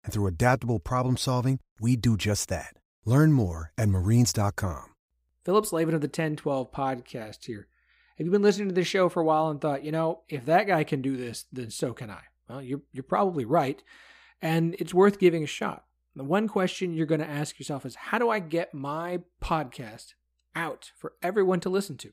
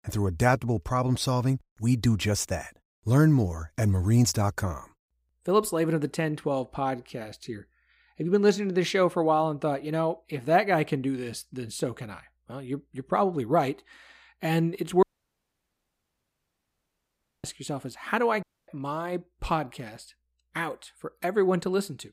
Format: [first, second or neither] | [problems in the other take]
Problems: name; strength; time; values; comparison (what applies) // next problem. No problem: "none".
first | audio cutting out; at 15 s for 2.5 s and at 18 s